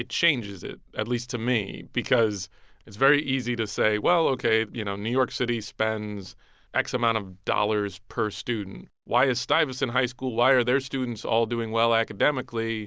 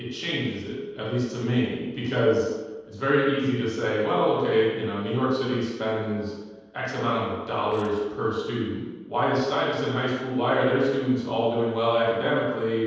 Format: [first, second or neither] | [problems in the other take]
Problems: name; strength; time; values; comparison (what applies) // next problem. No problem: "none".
first | noise reduction (neural separator model SepFormer DNS4)